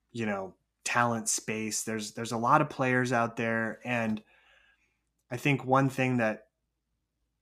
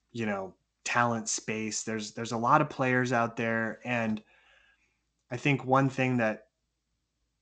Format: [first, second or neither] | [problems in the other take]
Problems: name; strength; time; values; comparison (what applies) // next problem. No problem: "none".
first | garbled, watery; slightly; nothing above 7.5 kHz